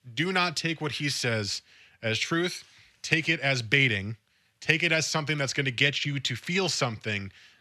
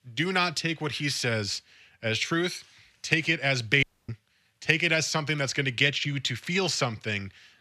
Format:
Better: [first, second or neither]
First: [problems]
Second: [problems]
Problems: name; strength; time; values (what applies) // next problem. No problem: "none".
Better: first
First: none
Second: audio cutting out; at 4 s